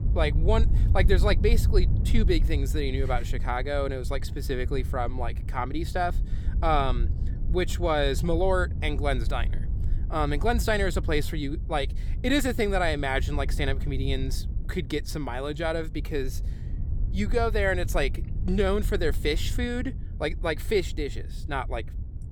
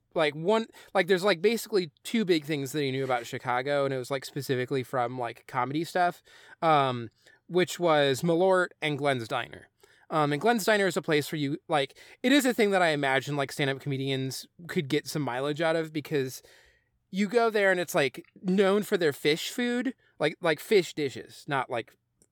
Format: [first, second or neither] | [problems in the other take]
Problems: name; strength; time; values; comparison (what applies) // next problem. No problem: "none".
second | wind noise on the microphone; occasional gusts; 20 dB below the speech